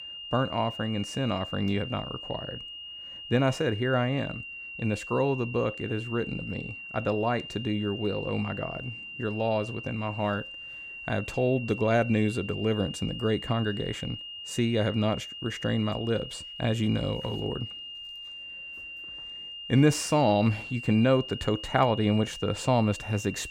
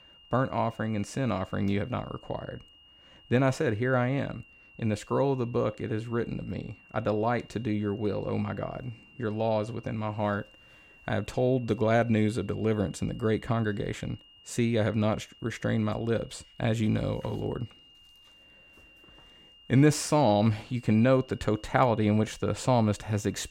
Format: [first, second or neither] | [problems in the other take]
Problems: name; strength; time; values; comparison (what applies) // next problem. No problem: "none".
second | high-pitched whine; loud; throughout; 3 kHz, 10 dB below the speech; faint in the second